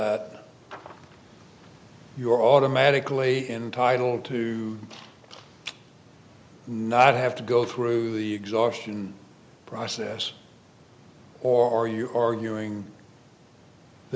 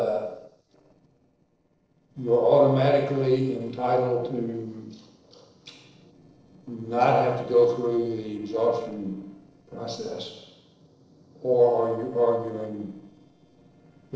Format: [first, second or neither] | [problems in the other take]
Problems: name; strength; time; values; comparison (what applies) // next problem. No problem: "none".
first | noise reduction (neural separator model SepFormer DNS4)